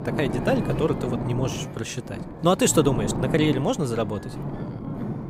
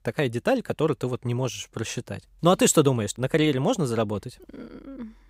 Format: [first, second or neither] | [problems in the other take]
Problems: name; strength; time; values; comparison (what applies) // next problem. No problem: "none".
second | wind noise on the microphone; heavy; 9 dB below the speech